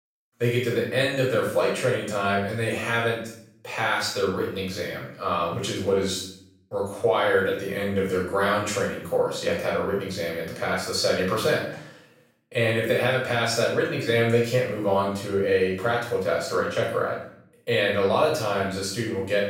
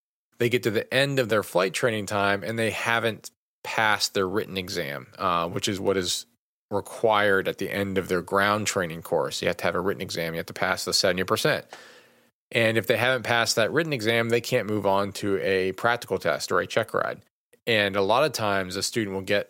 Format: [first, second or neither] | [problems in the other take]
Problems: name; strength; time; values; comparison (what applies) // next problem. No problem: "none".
second | off-mic speech; far // room echo; noticeable; dies away in 0.6 s